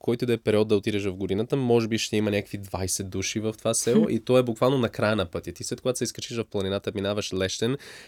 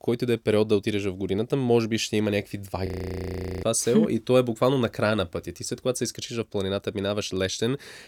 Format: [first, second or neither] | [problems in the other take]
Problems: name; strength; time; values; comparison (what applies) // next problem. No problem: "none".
first | audio freezing; at 3 s for 1 s